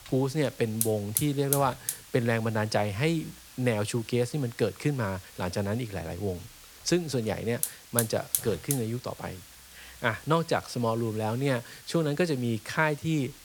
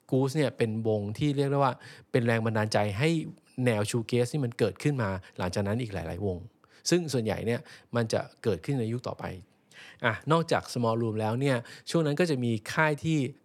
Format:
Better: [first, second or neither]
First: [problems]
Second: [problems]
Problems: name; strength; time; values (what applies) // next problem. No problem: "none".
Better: second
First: hiss; loud; throughout; 4 dB below the speech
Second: none